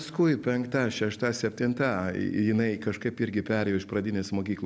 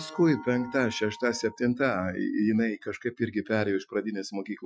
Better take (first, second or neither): first